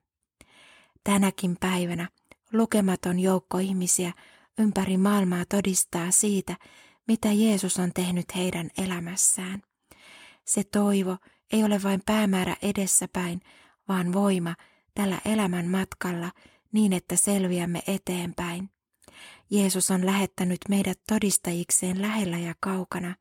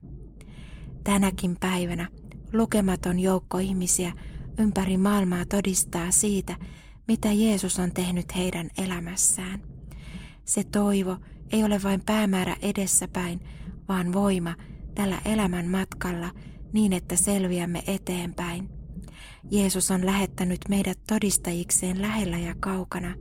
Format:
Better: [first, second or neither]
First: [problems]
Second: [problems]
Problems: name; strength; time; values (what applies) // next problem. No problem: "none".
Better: first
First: none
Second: low rumble; faint; throughout; 25 dB below the speech